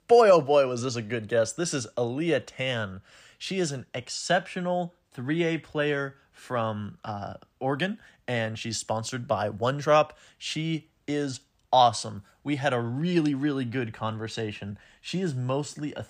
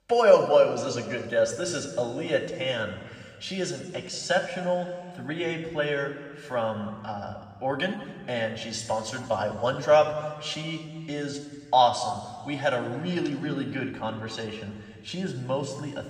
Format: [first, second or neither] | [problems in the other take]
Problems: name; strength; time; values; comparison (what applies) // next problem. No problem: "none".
first | room echo; noticeable; dies away in 1.7 s // off-mic speech; somewhat distant